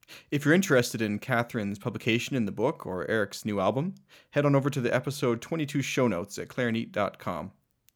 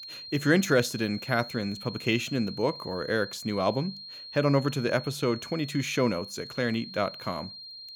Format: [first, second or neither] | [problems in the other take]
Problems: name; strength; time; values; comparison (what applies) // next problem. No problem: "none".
first | high-pitched whine; noticeable; throughout; 4 kHz, 10 dB below the speech